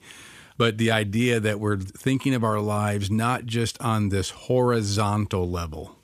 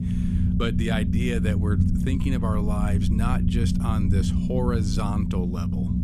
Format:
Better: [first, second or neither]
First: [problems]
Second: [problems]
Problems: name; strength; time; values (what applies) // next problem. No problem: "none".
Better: first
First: none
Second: low rumble; loud; throughout; 2 dB below the speech